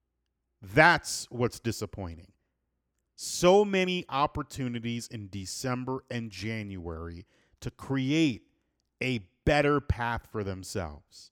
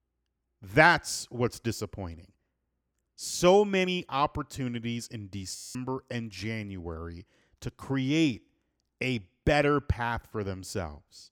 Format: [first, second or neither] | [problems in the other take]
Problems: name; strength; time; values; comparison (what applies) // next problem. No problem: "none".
first | audio freezing; at 5.5 s